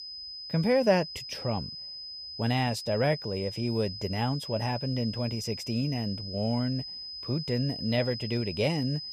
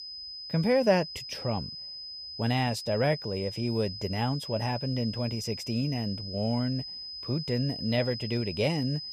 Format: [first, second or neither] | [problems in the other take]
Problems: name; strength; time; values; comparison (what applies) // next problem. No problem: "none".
neither | high-pitched whine; loud; throughout; 5 kHz, 8 dB below the speech; the same in both